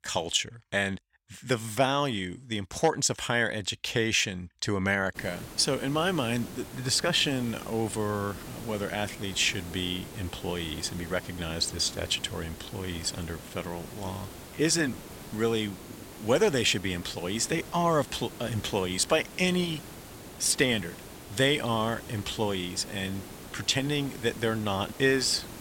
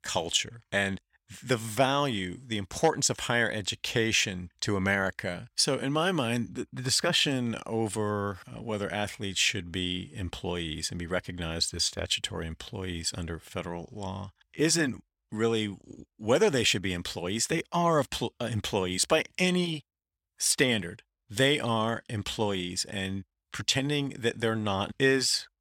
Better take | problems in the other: second | hiss; noticeable; from 5 s on; 15 dB below the speech

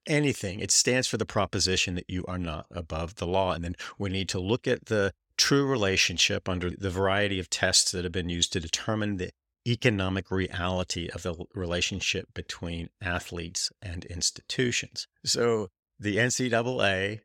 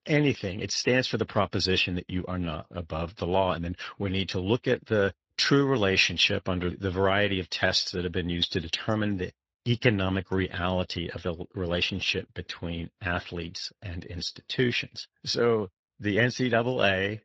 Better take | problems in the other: first | garbled, watery; slightly

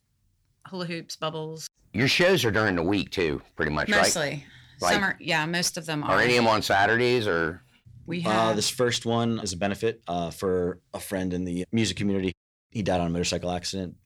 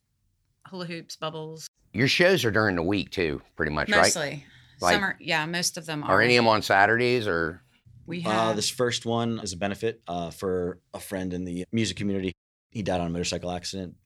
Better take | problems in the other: second | distortion; slight; 10 dB below the speech

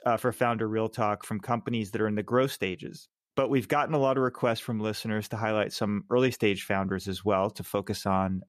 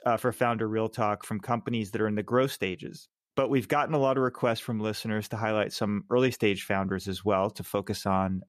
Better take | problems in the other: neither | none

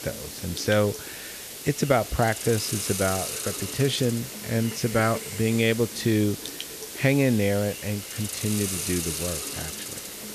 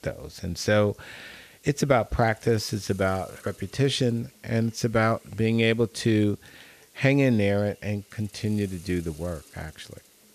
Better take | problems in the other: second | hiss; loud; throughout; 6 dB below the speech; faint in the second

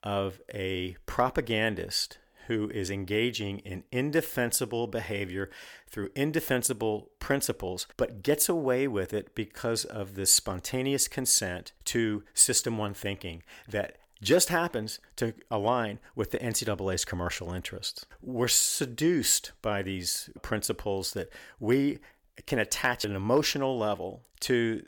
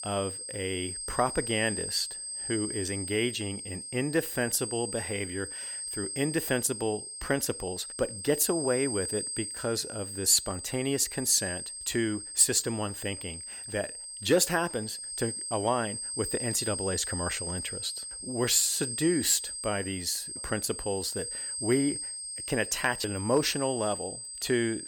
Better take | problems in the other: first | high-pitched whine; loud; throughout; 8.5 kHz, 5 dB below the speech

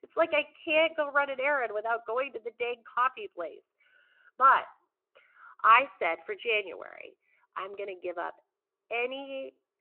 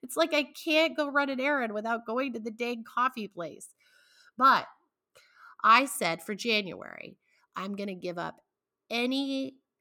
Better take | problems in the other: second | phone-call audio

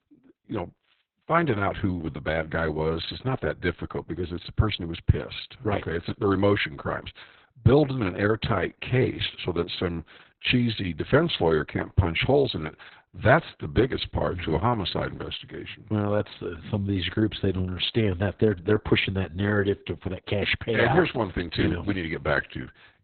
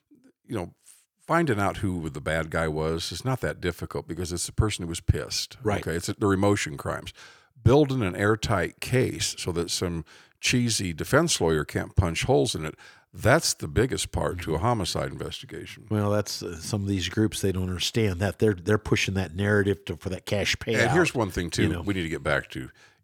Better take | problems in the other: second | garbled, watery; badly; nothing above 4 kHz

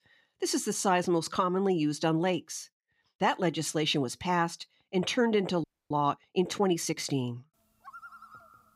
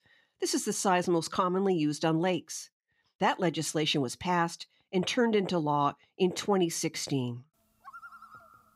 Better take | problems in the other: second | audio freezing; at 5.5 s

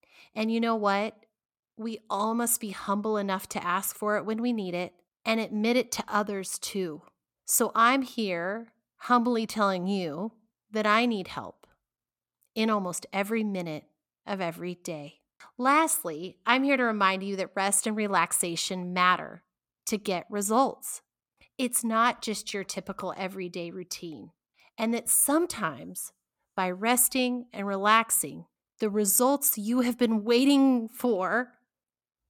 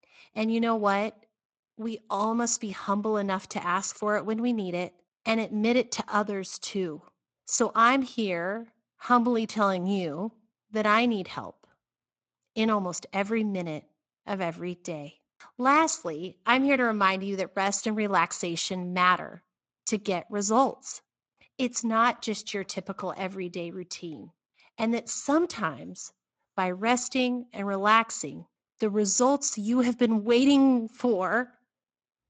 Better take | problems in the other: first | garbled, watery; slightly; nothing above 7.5 kHz

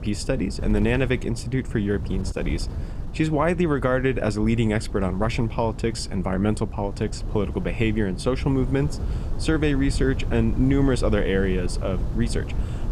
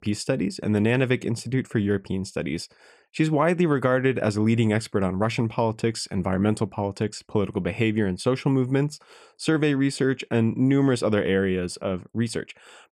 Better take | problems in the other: second | wind noise on the microphone; occasional gusts; 15 dB below the speech

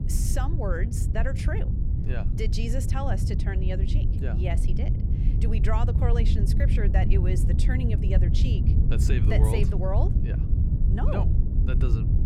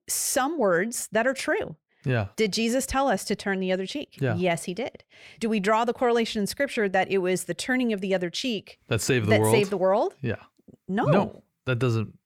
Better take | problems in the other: second | low rumble; loud; throughout; 4 dB below the speech

